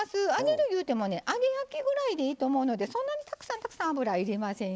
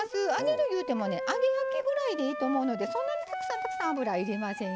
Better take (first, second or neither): first